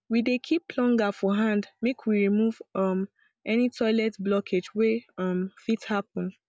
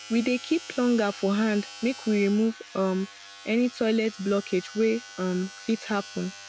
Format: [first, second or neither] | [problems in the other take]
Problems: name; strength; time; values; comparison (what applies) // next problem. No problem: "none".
first | background sound (Domestic sounds, home sounds); 17 dB below the speech